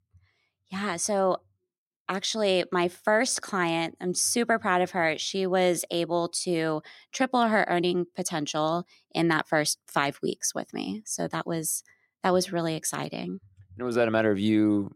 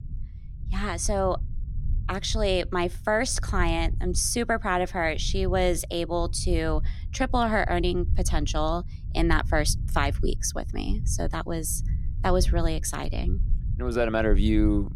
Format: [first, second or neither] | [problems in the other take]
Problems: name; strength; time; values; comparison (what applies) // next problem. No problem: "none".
first | low rumble; faint; throughout; 20 dB below the speech